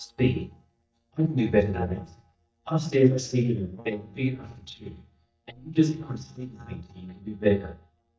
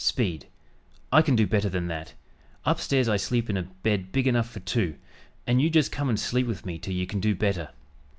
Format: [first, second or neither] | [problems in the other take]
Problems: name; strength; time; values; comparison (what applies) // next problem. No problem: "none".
second | noise reduction (neural mask model DeepFilterNet 3)